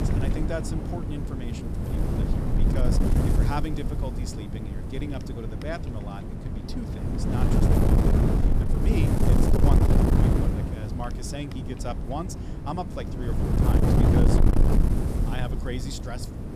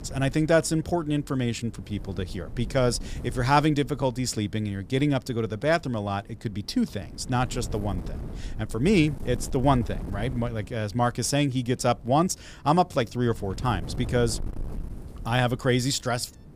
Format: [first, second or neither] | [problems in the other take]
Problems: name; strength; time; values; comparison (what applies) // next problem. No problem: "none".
second | wind noise on the microphone; heavy; 3 dB above the speech; occasional gusts in the second